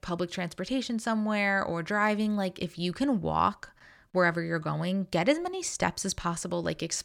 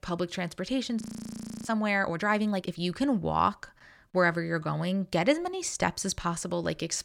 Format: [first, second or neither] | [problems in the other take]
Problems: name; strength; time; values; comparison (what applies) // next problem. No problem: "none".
first | audio freezing; at 1 s for 0.5 s